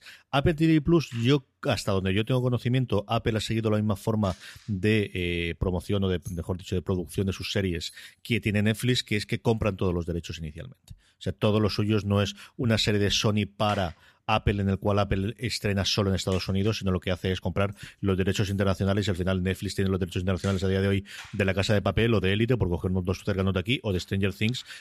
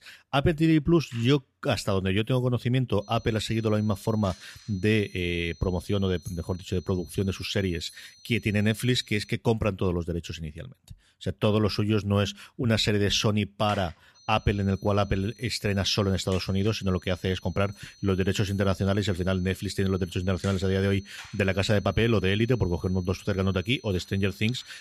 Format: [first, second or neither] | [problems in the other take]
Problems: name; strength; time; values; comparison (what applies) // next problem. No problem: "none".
first | high-pitched whine; faint; from 3 to 9.5 s and from 14 s on; 4 kHz, 25 dB below the speech